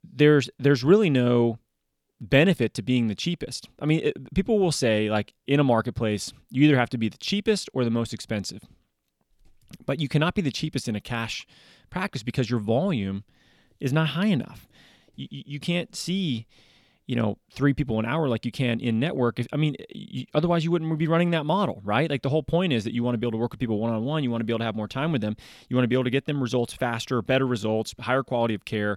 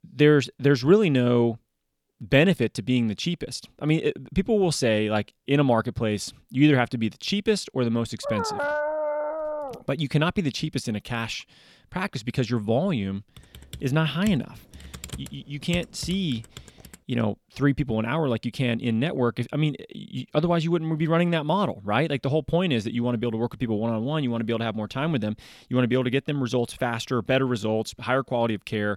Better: first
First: none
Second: dog barking; noticeable; from 8 to 10 s; peak 1 dB below the speech // keyboard typing; faint; from 13 to 17 s; peak 10 dB below the speech

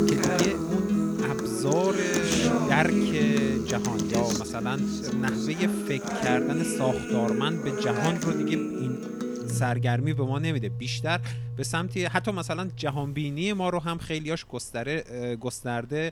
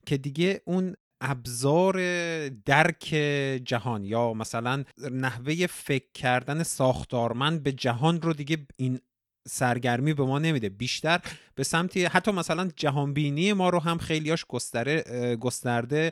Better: second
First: background music; very loud; throughout; 2 dB above the speech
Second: none

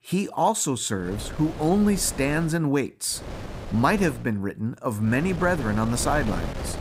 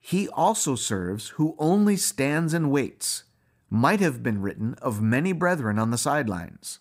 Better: second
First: wind noise on the microphone; occasional gusts; from 1 to 2.5 s, at 3 s and from 5 s on; 10 dB below the speech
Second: none

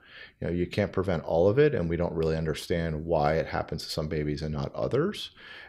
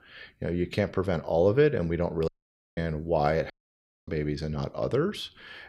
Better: first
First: none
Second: audio cutting out; at 2.5 s and at 3.5 s for 0.5 s

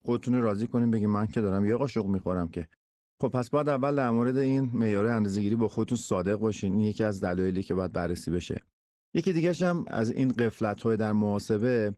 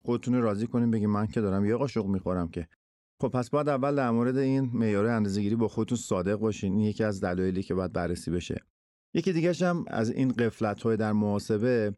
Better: second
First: garbled, watery; slightly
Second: none

